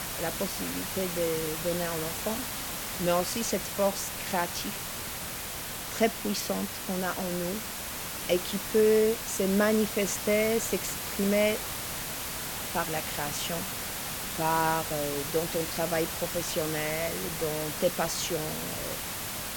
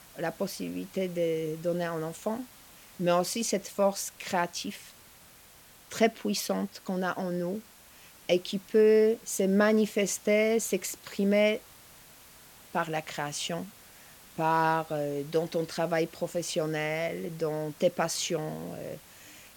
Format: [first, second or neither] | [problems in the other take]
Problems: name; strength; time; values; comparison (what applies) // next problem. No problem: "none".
second | hiss; loud; throughout; 3 dB below the speech; faint in the second